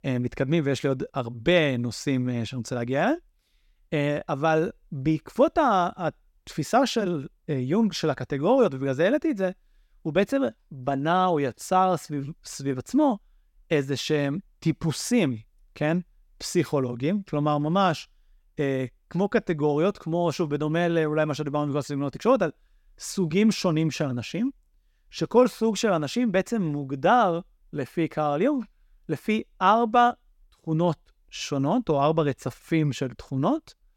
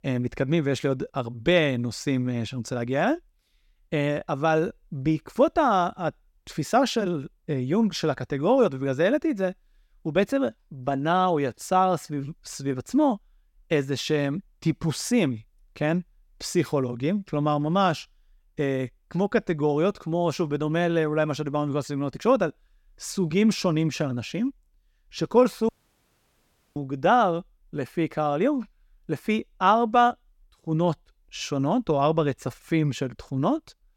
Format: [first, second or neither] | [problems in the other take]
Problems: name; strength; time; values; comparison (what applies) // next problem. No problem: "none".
first | audio cutting out; at 26 s for 1 s